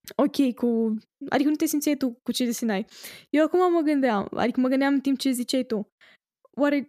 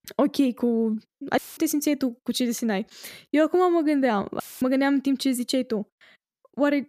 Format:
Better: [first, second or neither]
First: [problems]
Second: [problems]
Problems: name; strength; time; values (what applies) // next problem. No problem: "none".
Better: first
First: none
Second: audio cutting out; filled with static; at 1.5 s and at 4.5 s